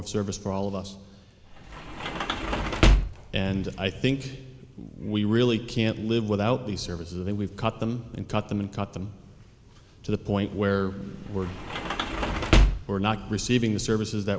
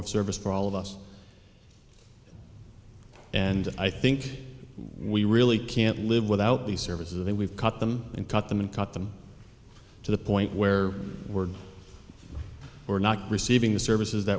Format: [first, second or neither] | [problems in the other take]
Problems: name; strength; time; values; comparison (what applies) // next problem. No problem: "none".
second | background sound (Sliding door / Slam); 3 dB above the speech